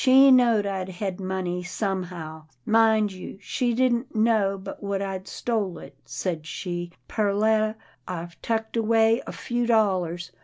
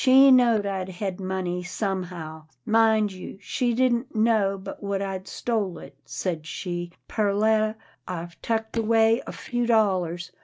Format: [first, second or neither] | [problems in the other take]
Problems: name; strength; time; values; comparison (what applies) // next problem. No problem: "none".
first | noise reduction (neural mask model DeepFilterNet 3)